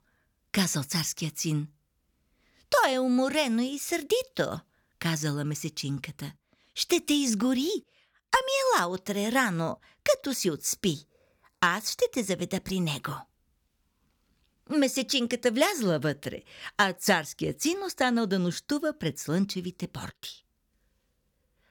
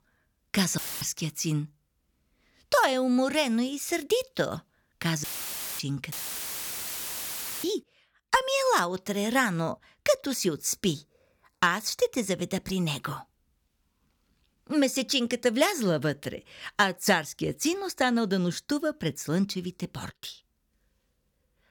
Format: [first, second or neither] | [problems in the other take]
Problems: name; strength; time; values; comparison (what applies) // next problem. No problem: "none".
first | audio cutting out; filled with static; at 1 s, at 5 s for 0.5 s and at 6 s for 1.5 s